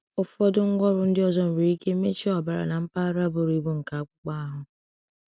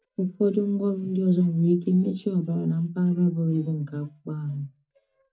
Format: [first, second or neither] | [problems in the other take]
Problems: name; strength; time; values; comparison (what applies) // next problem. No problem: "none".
first | noise reduction (neural mask model DeepFilterNet 3)